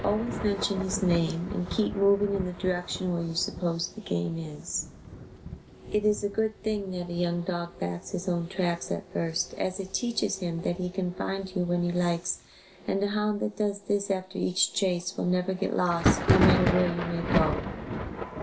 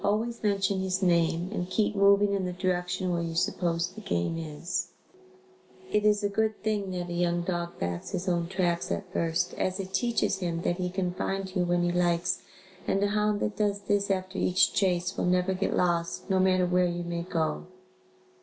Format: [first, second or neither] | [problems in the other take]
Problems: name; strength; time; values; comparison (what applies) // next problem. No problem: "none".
second | background sound (Thunder); 5 dB below the speech